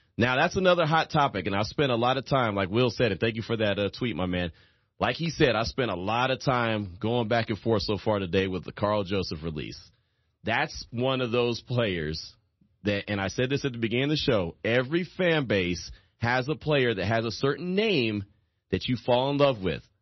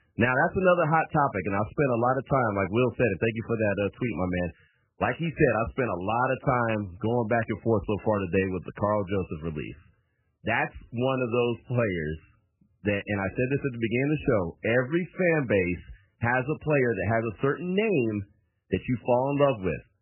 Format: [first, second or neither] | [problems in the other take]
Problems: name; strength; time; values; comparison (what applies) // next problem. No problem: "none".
first | garbled, watery; badly; nothing above 3 kHz; slightly in the first